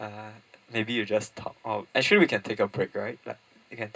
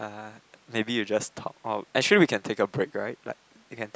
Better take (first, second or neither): second